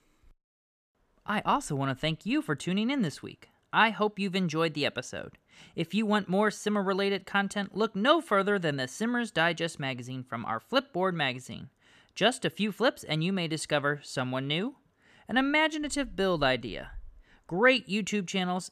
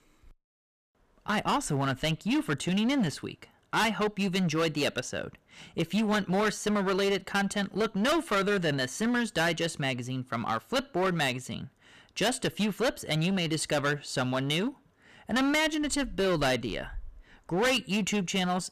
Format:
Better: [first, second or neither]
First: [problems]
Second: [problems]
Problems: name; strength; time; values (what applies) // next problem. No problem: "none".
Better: first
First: none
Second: distortion; heavy; 13% of the sound clipped